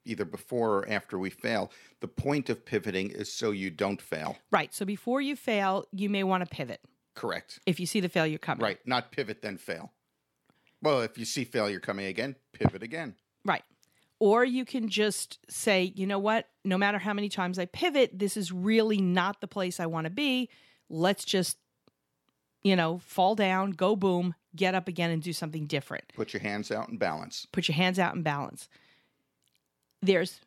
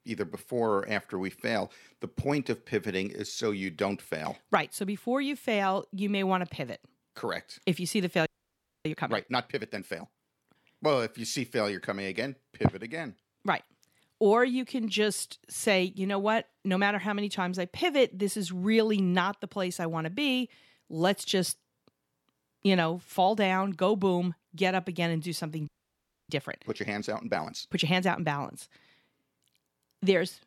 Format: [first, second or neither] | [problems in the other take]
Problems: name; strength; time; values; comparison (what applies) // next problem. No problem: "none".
first | audio freezing; at 8.5 s for 0.5 s and at 26 s for 0.5 s